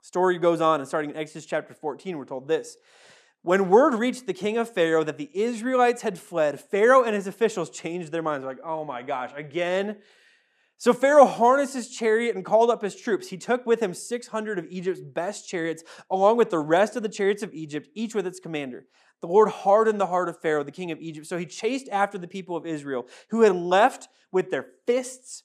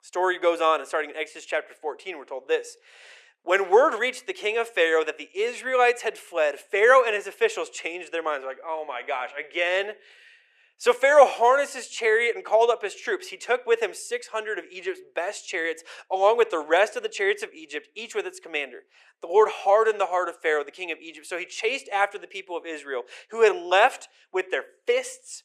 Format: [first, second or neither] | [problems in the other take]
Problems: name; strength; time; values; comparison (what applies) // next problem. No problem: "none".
first | thin; very; fading below 400 Hz